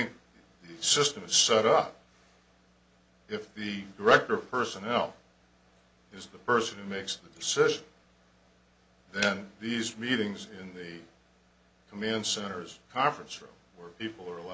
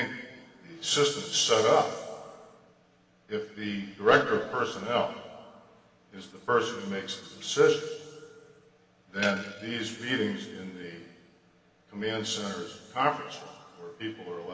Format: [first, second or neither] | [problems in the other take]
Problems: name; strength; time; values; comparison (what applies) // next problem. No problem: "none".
first | room echo; dies away in 2 s